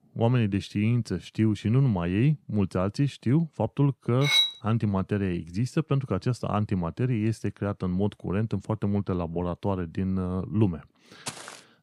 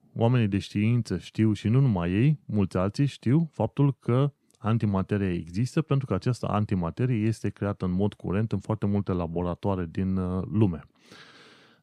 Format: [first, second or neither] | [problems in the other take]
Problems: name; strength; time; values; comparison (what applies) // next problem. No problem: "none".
second | clattering dishes; loud; at 4 s; peak 6 dB above the speech // footsteps; faint; at 11 s; peak 10 dB below the speech